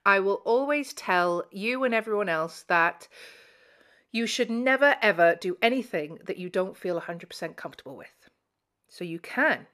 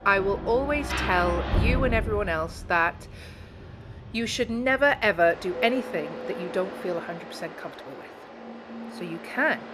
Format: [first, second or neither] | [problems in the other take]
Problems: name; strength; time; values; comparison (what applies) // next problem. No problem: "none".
first | rain or running water; loud; throughout; 8 dB below the speech